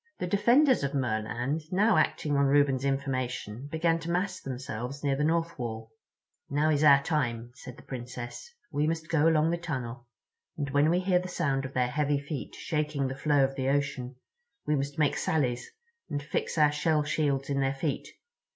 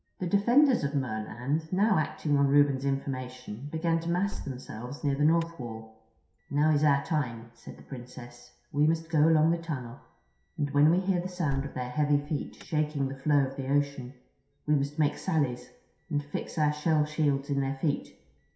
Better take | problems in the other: first | background sound (Alarm); 19 dB below the speech // room echo; dies away in 0.7 s

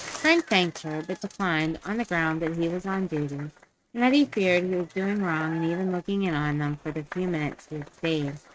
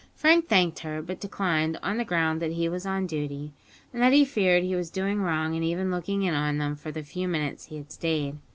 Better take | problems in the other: second | noise reduction (neural mask model RNNoise)

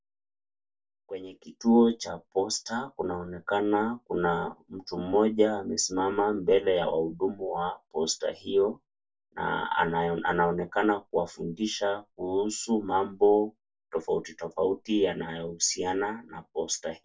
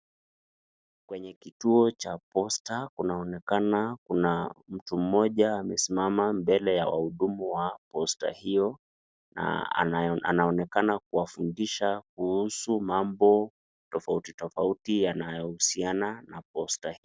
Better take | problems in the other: second | room echo; dies away in 0.1 s

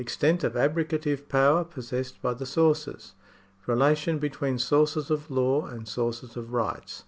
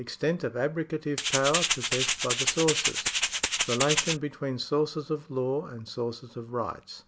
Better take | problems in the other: first | background sound (Rattle (instrument)); 2 dB above the speech

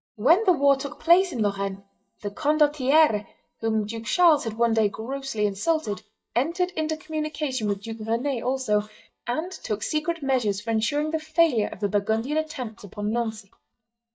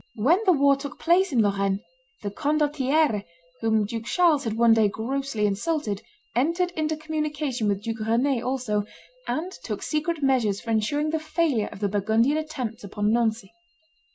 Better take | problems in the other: second | noise reduction (neural mask model DeepFilterNet 3)

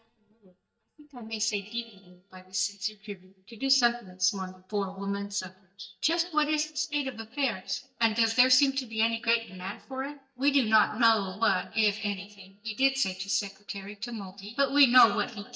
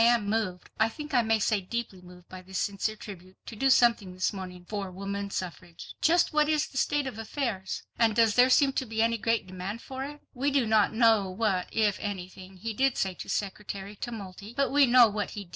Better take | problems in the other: second | noise reduction (neural mask model DeepFilterNet 3)

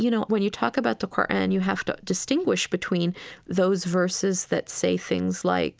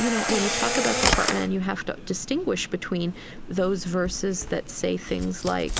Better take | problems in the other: first | background sound (Camera); 3 dB below the speech

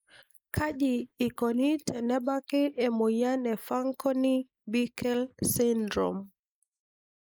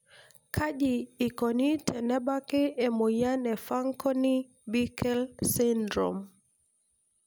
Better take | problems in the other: second | noise reduction (neural mask model Resemble Enhance denoiser)

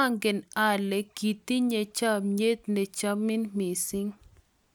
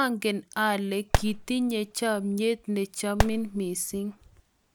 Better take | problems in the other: first | background sound (Fireworks); 2 dB below the speech

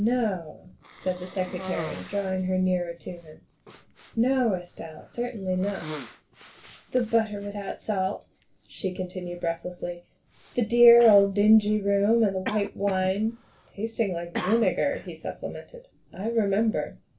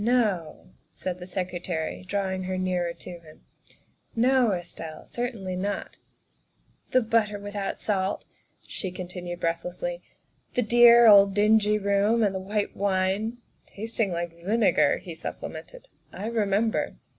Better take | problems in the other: second | background sound (Cough); 17 dB below the speech // room echo; dies away in 0.2 s

